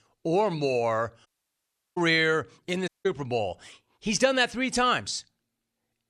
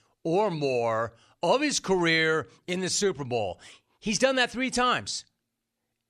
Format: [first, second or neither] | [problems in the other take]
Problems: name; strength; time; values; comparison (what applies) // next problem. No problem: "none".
second | audio cutting out; at 1.5 s for 0.5 s and at 3 s